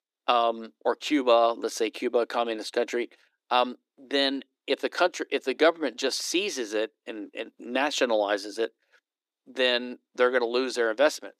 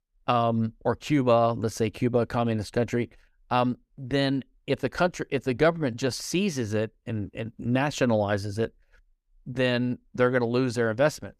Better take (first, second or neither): second